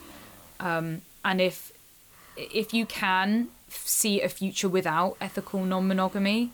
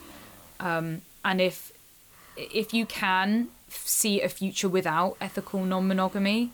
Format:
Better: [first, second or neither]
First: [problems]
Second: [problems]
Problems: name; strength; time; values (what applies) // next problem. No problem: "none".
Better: neither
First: hiss; faint; throughout; 25 dB below the speech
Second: hiss; faint; throughout; 25 dB below the speech